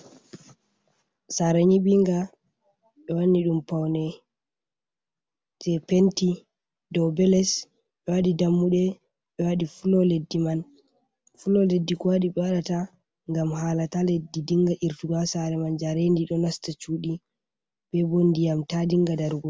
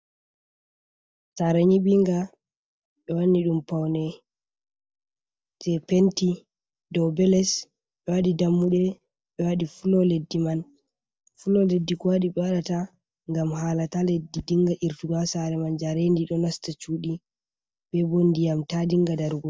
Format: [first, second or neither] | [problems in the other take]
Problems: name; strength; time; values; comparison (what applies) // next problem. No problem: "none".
first | noise reduction (neural mask model DeepFilterNet 3)